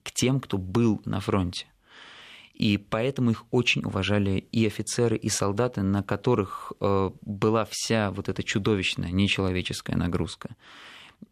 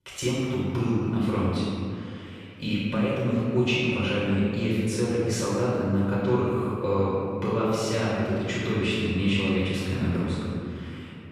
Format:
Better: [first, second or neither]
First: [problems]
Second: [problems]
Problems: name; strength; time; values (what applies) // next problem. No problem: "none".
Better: first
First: none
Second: off-mic speech; far // room echo; strong; dies away in 2.4 s